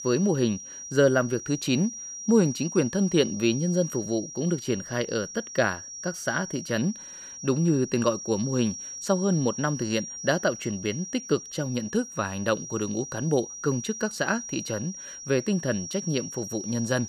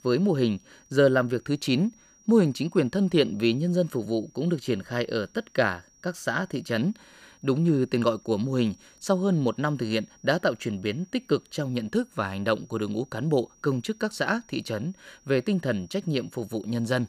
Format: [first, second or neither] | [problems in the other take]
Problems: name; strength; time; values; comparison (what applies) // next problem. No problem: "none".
second | high-pitched whine; loud; throughout; 5.5 kHz, 9 dB below the speech; faint in the second